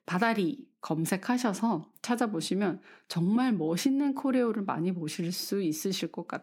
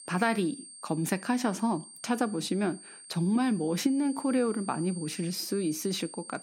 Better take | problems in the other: first | high-pitched whine; noticeable; throughout; 8.5 kHz, 15 dB below the speech

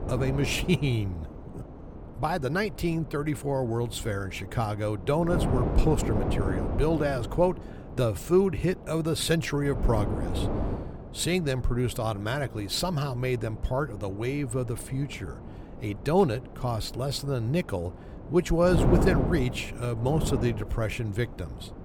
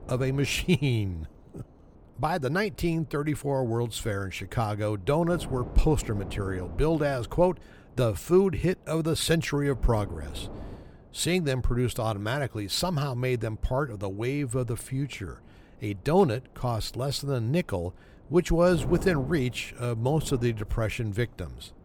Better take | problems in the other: second | wind noise on the microphone; heavy; 9 dB below the speech; occasional gusts in the second

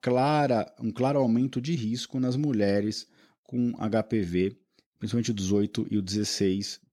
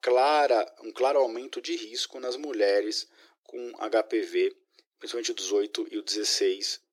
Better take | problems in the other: first | thin; very; fading below 350 Hz

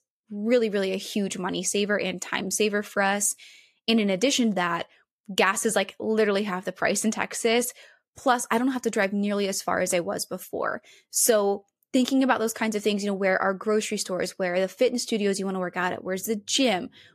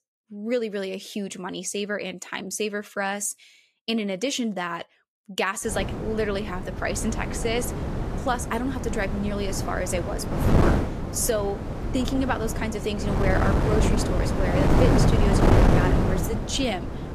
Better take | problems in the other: first | wind noise on the microphone; heavy; from 5.5 s on; 1 dB below the speech

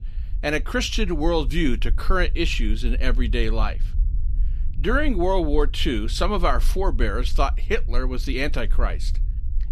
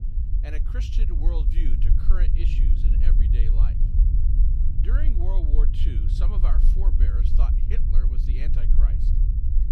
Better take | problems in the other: first | low rumble; loud; throughout; 1 dB below the speech; faint in the first

